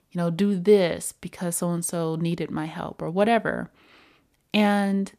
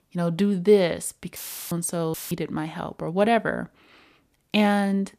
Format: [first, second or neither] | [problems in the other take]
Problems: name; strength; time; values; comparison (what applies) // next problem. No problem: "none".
first | audio cutting out; filled with static; at 1.5 s and at 2 s